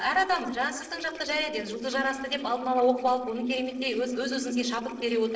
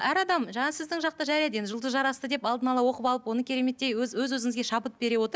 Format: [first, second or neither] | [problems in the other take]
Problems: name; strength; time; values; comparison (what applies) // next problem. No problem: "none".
second | noise reduction (neural separator model SepFormer DNS4)